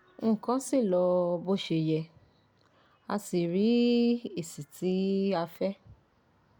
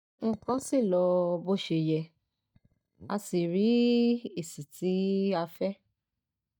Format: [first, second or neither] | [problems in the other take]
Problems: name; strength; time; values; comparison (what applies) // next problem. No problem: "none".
first | noise reduction (neural mask model DeepFilterNet 3)